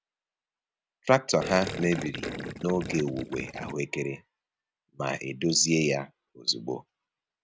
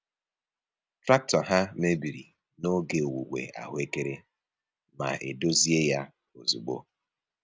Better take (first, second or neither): second